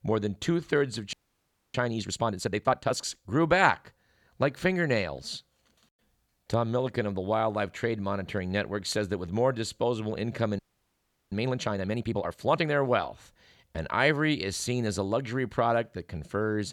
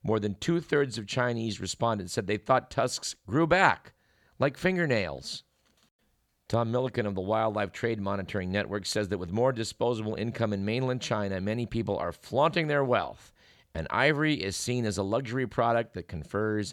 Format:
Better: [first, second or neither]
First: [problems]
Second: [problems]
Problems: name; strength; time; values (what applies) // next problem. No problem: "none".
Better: second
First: audio freezing; at 1 s for 0.5 s and at 11 s for 0.5 s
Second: none